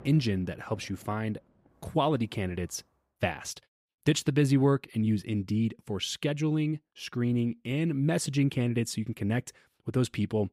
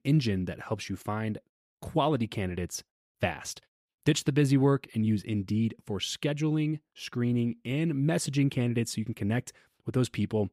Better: second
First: rain or running water; faint; until 3 s; 30 dB below the speech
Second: none

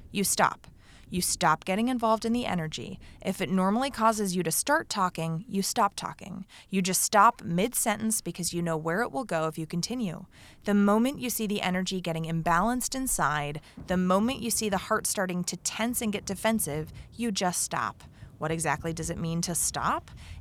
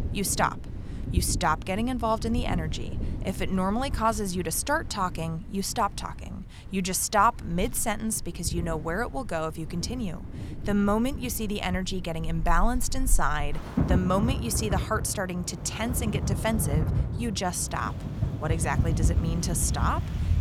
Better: first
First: rain or running water; faint; throughout; 25 dB below the speech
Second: rain or running water; loud; throughout; 4 dB below the speech

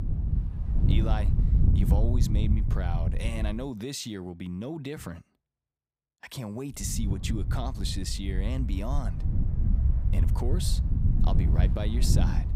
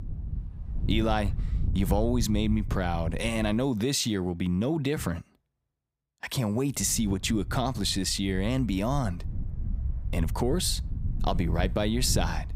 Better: second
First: wind noise on the microphone; heavy; until 3.5 s and from 7 s on; 4 dB below the speech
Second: wind noise on the microphone; occasional gusts; until 3.5 s and from 7 s on; 20 dB below the speech

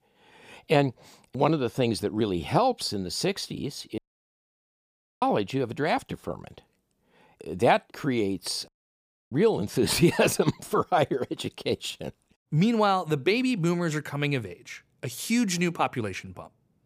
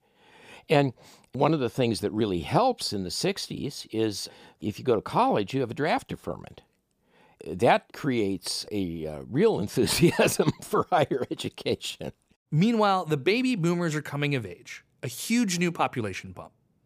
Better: second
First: audio cutting out; at 4 s for 1 s and at 8.5 s for 0.5 s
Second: none

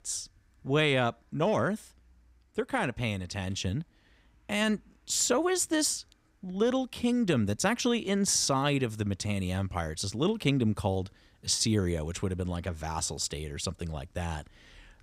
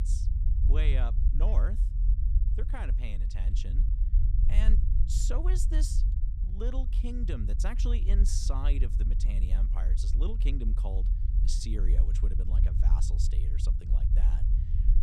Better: first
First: none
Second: low rumble; loud; throughout; 6 dB below the speech

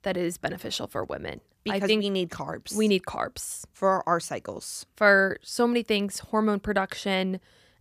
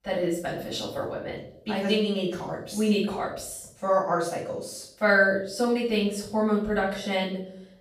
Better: first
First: none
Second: off-mic speech; far // room echo; noticeable; dies away in 0.5 s

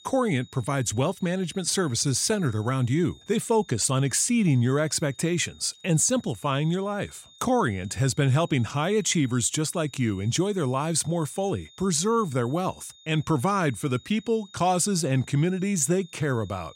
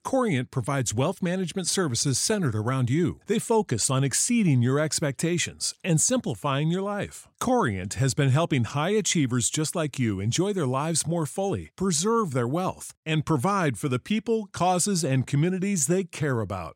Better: second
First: high-pitched whine; faint; throughout; 3.5 kHz, 25 dB below the speech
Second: none

